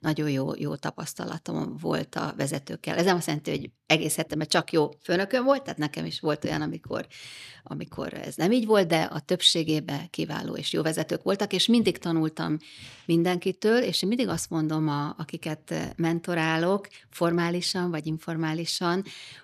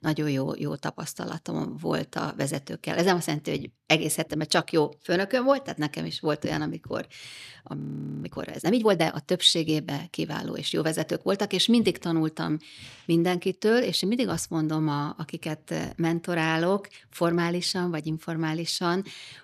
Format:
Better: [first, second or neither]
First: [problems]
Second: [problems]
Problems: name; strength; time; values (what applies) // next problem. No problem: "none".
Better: first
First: none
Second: audio freezing; at 8 s